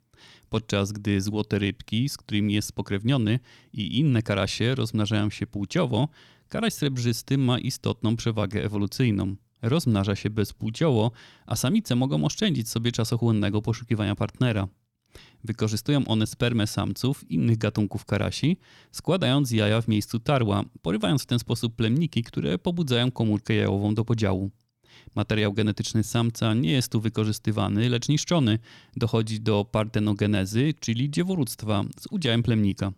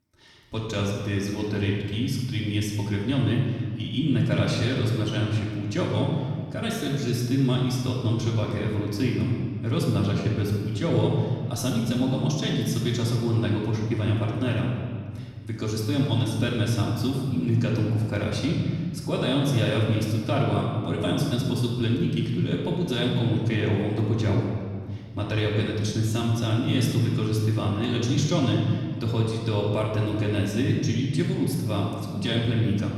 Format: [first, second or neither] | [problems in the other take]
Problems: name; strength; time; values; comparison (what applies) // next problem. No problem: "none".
first | off-mic speech; far // room echo; noticeable; dies away in 1.8 s